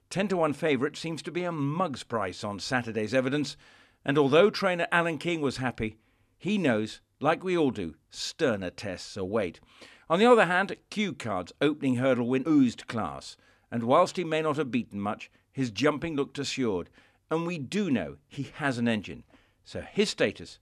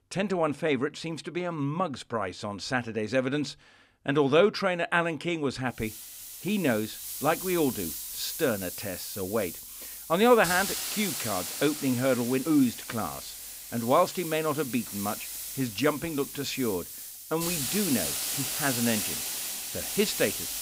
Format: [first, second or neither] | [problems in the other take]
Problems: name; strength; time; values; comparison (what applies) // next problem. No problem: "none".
first | hiss; loud; from 6 s on; 5 dB below the speech